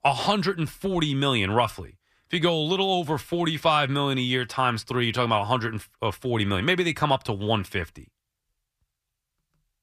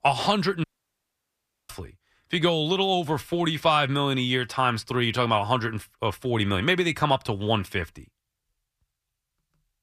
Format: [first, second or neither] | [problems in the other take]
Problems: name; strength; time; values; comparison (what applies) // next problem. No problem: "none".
first | audio cutting out; at 0.5 s for 1 s